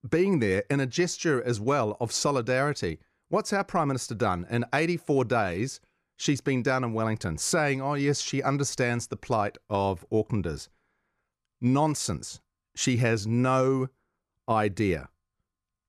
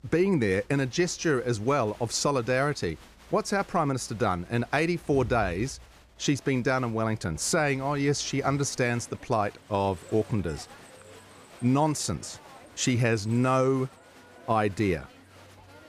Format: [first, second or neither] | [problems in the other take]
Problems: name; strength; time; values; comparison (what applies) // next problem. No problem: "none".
first | crowd noise; faint; throughout; 20 dB below the speech